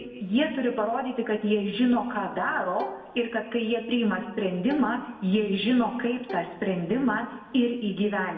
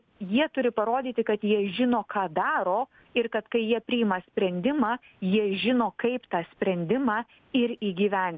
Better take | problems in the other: second | background sound (Bowed string instrument); 18 dB below the speech // room echo; dies away in 0.9 s

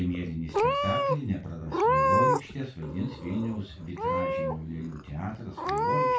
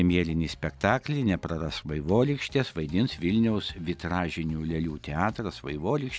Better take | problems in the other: second | background sound (Meow / Purr); 4 dB above the speech // room echo; dies away in 0.2 s

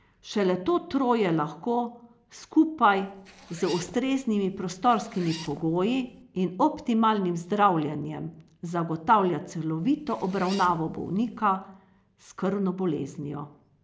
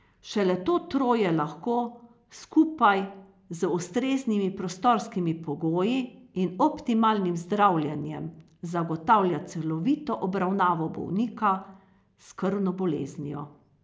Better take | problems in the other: second | background sound (Zipper (clothing)); 19 dB below the speech

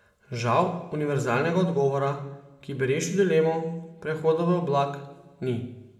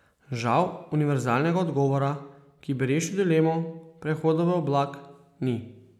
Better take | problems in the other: second | room echo; dies away in 0.8 s

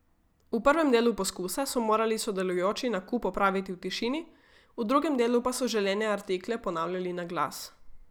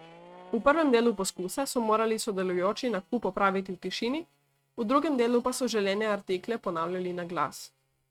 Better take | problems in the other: first | noise reduction (neural mask model RNNoise)

